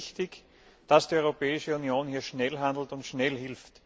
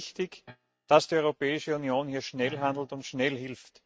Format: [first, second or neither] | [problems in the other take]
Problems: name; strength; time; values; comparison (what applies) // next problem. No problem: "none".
first | noise reduction (neural mask model RNNoise)